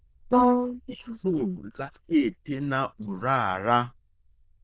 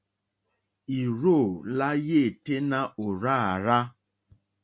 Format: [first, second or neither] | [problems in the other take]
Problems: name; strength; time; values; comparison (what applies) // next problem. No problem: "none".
second | noise reduction (neural diffusion model UNIVERSE++)